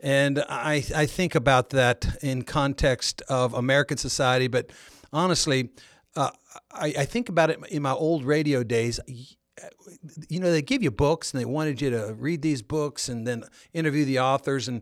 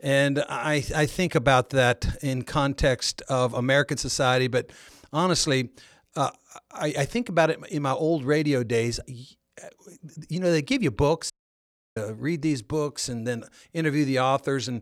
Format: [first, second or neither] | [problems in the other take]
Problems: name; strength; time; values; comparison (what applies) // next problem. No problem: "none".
first | audio cutting out; at 11 s for 0.5 s